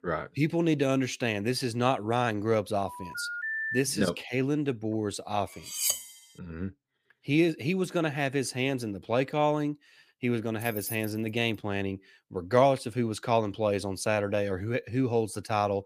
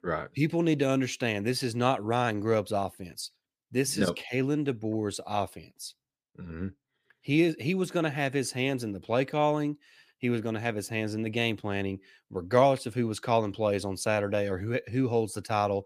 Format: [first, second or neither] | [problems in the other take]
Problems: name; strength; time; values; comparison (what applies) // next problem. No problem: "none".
second | phone ringing; noticeable; at 3 s; peak 2 dB below the speech // clattering dishes; loud; at 5.5 s; peak 1 dB above the speech // jangling keys; noticeable; at 11 s; peak 8 dB below the speech